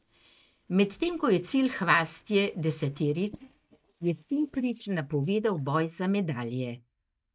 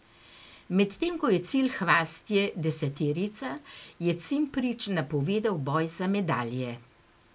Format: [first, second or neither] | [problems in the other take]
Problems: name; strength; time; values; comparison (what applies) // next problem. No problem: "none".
second | noise reduction (neural mask model DeepFilterNet 3)